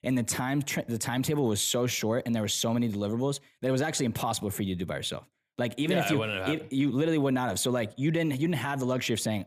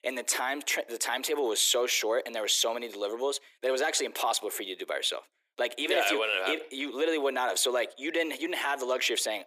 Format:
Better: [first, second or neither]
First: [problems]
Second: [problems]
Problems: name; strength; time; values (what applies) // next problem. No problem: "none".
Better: first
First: none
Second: thin; very; fading below 350 Hz